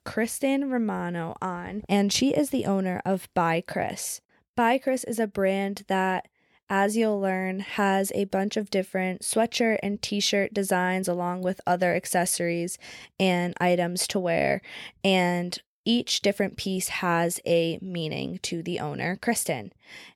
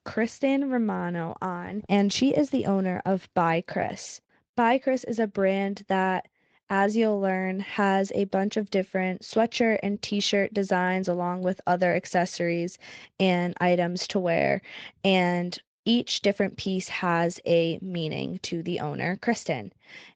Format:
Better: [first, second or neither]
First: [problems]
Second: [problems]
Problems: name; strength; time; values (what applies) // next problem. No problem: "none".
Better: first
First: none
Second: garbled, watery; slightly